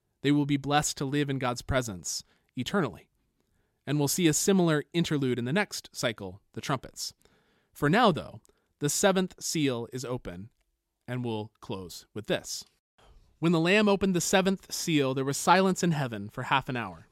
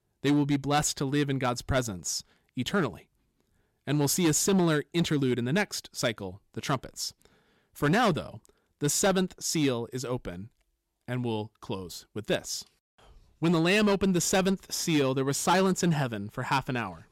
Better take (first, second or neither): first